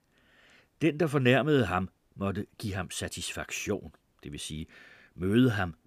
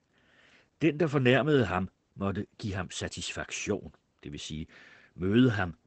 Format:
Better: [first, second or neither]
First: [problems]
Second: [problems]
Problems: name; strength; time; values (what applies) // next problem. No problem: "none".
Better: first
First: none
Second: garbled, watery; badly; nothing above 8 kHz